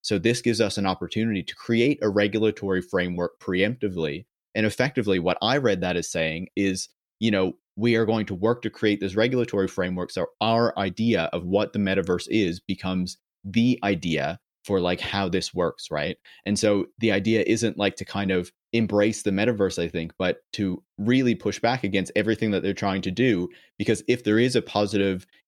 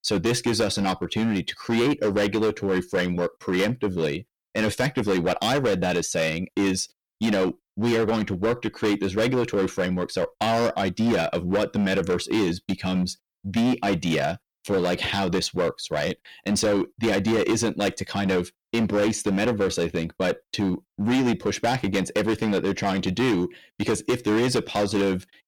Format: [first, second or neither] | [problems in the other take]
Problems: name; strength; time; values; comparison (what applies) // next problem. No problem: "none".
first | distortion; heavy; 14% of the sound clipped